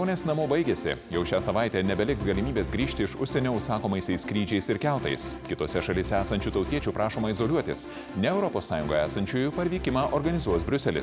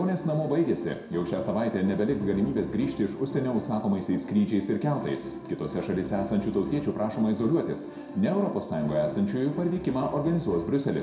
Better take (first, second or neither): first